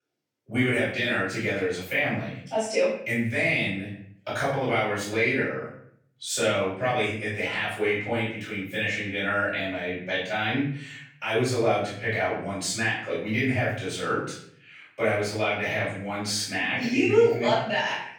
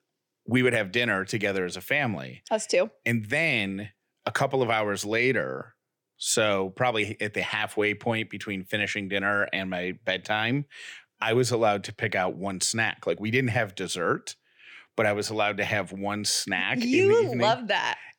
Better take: second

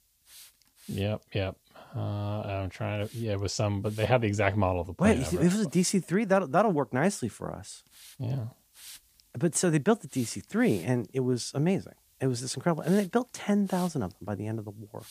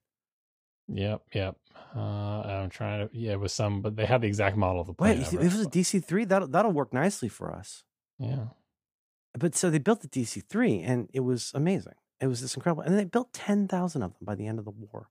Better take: second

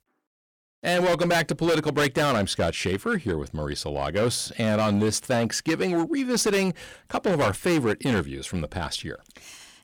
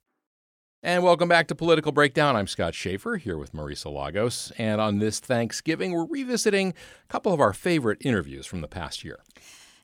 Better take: second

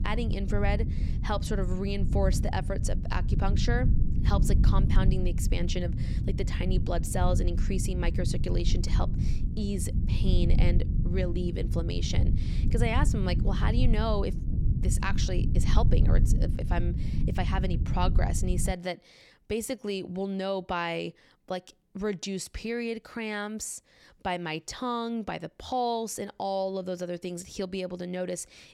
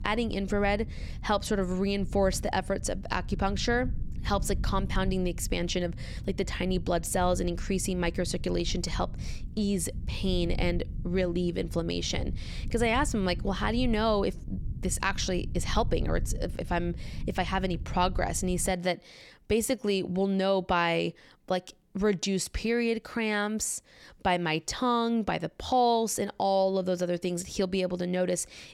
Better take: second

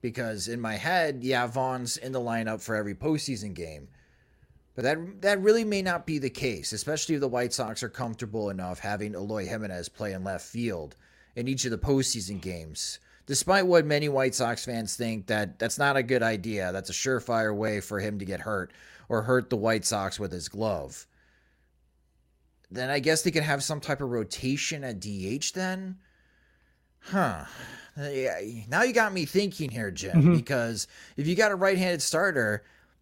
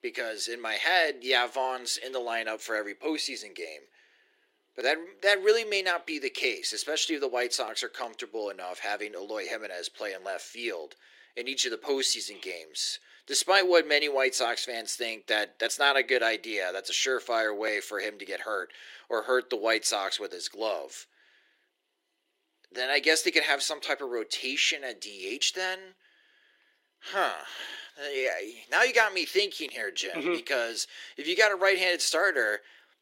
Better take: first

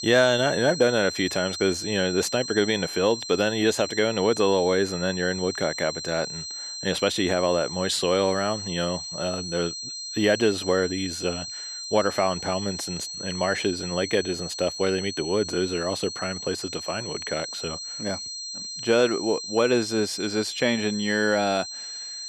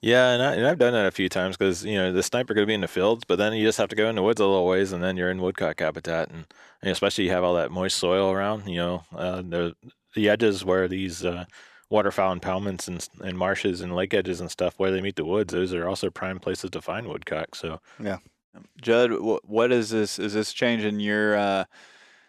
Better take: second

